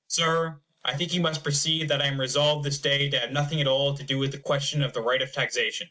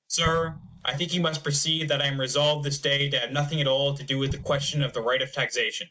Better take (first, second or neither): first